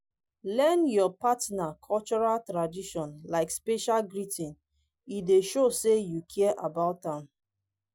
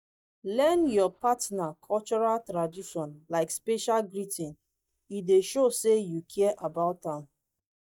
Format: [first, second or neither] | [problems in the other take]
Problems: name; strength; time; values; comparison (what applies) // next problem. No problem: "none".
first | noise reduction (neural mask model DeepFilterNet 3)